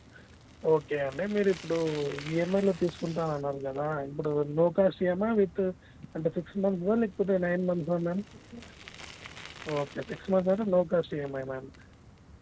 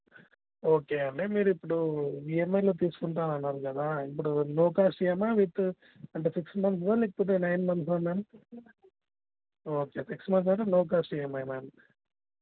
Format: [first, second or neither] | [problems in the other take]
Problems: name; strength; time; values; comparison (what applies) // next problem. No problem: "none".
second | background sound (Bicycle + Tearing); 19 dB below the speech